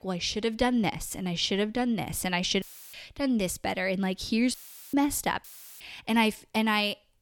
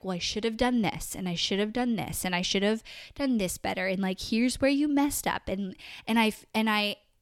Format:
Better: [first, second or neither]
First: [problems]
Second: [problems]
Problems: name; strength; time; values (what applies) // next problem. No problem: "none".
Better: second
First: audio cutting out; filled with static; at 2.5 s, at 4.5 s and at 5.5 s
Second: none